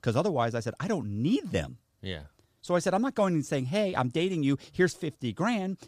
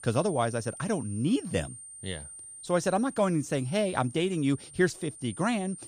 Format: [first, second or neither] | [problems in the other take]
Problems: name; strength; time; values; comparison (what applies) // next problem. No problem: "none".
first | high-pitched whine; noticeable; throughout; 9 kHz, 15 dB below the speech